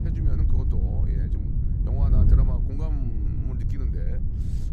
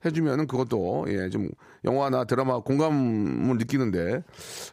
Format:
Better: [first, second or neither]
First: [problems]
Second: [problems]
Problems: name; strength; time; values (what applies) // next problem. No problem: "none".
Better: second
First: wind noise on the microphone; heavy; 4 dB above the speech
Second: none